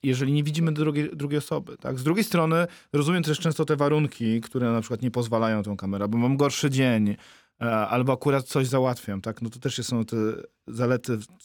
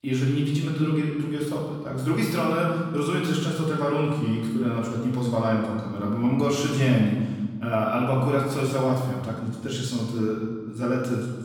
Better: first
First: none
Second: room echo; noticeable; dies away in 1.4 s // off-mic speech; far

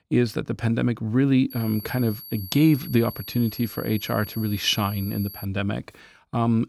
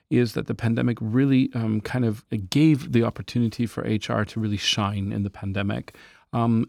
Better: second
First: high-pitched whine; noticeable; from 1.5 to 5.5 s; 11.5 kHz, 15 dB below the speech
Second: none

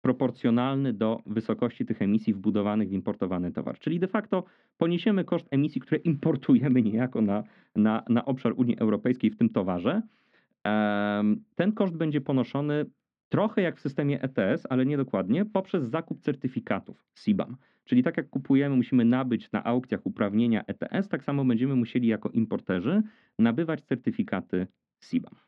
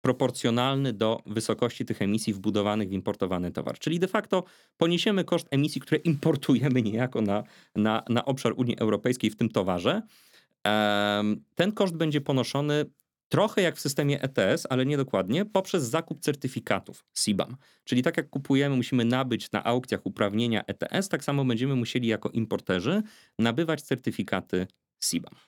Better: second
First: muffled; very; fading above 2.5 kHz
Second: none

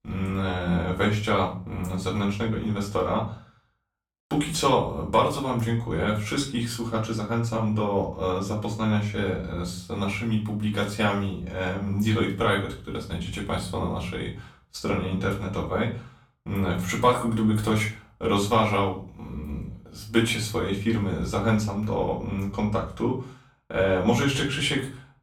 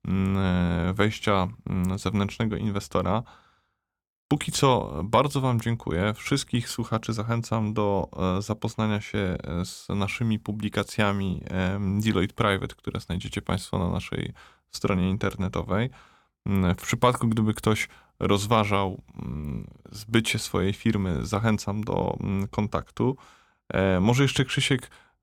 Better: second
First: room echo; slight; dies away in 0.3 s // off-mic speech; far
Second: none

